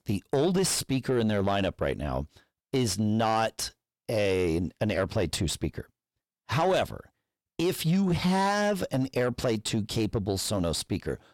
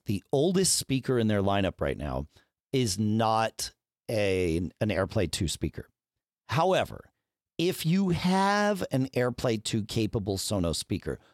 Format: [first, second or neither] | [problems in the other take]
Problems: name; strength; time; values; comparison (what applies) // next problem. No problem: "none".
second | distortion; slight; 10 dB below the speech